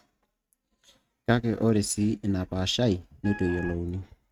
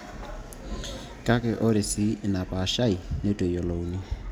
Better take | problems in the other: second | noise reduction (neural mask model RNNoise)

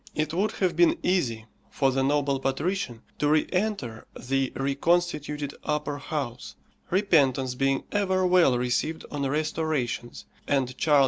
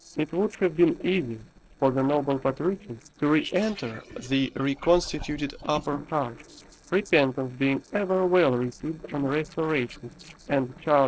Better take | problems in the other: first | noise reduction (neural separator model SepFormer DNS4)

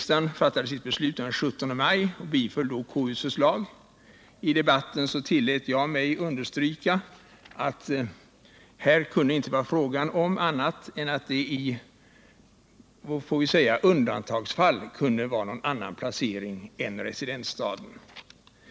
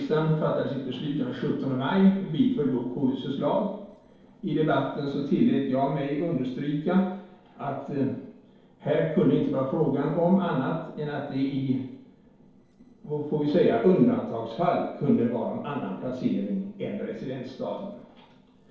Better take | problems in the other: first | noise reduction (neural separator model SepFormer DNS4)

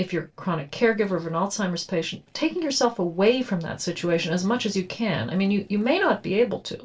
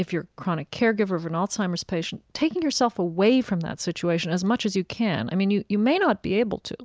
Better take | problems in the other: second | noise reduction (neural separator model SepFormer DNS4)

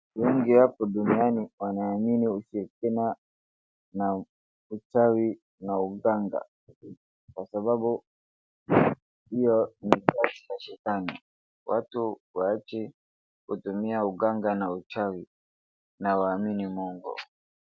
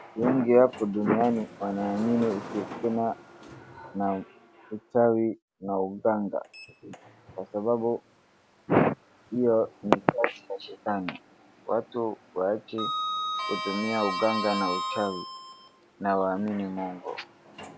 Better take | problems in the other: first | background sound (Sliding door); 11 dB below the speech

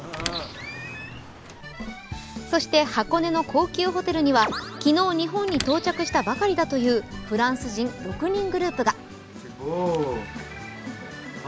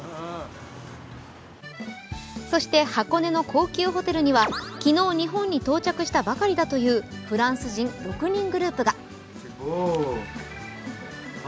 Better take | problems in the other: second | background sound (Squeak); 15 dB below the speech

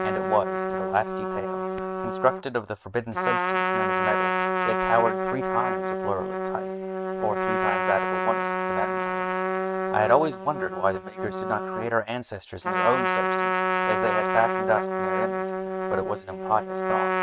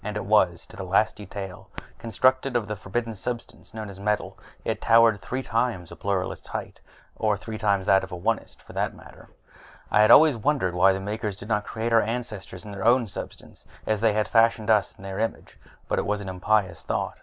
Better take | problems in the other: second | noise reduction (neural mask model RNNoise)

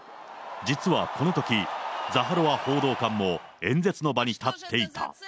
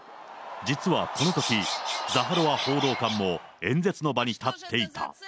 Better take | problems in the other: first | background sound (Bird vocalization, bird call, bird song); 6 dB below the speech

